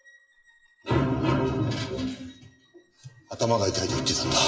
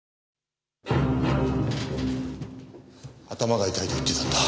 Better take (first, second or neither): second